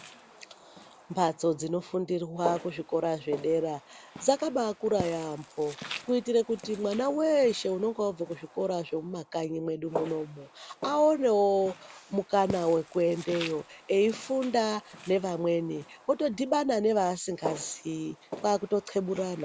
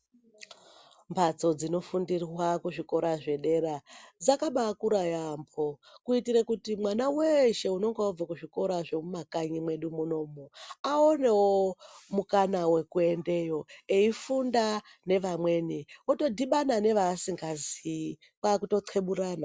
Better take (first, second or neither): second